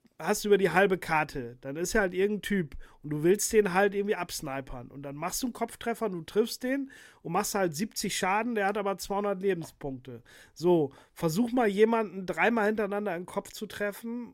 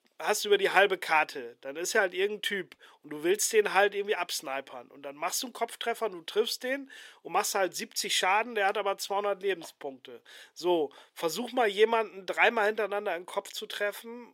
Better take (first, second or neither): first